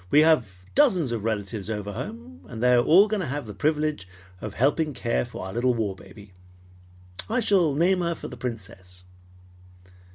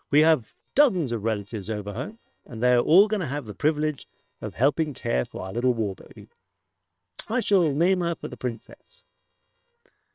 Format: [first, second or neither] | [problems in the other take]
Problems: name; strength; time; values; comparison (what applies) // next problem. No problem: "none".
first | noise reduction (neural separator model SepFormer WHAM!)